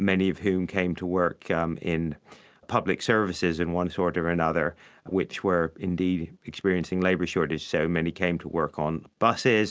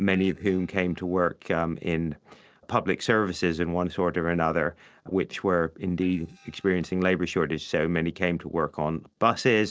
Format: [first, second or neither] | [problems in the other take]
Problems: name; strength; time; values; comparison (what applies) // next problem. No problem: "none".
first | noise reduction (neural separator model SepFormer DNS4)